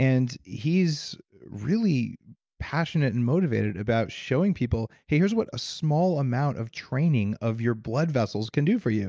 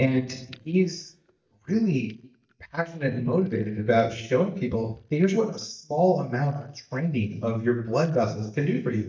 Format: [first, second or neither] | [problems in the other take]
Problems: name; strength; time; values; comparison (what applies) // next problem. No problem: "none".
first | noise reduction (neural mask model DeepFilterNet 3)